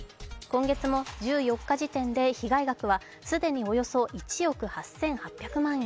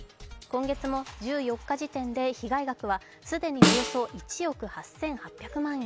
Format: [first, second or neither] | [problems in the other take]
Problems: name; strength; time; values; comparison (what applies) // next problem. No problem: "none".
first | background sound (Snare drum); 4 dB above the speech